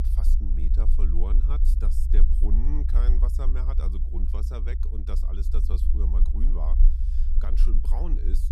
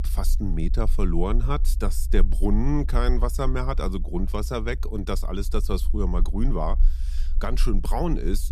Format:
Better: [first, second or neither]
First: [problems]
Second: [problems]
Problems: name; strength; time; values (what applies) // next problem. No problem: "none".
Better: second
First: low rumble; loud; throughout; 4 dB below the speech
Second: low rumble; faint; throughout; 20 dB below the speech